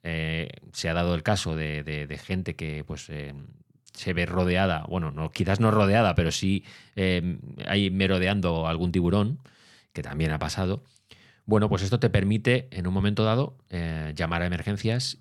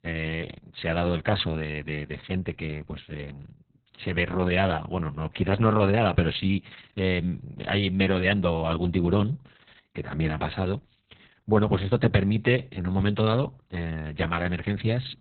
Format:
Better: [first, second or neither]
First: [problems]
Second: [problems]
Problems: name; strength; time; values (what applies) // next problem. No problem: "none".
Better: first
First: none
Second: garbled, watery; badly; nothing above 4 kHz